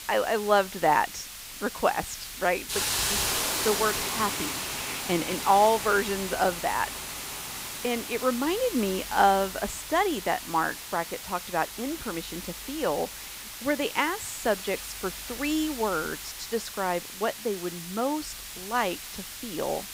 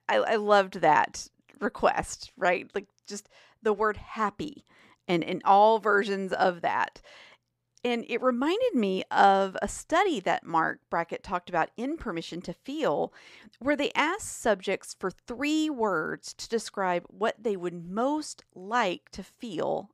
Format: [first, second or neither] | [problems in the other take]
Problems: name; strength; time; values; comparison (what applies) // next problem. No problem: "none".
second | hiss; loud; throughout; 5 dB below the speech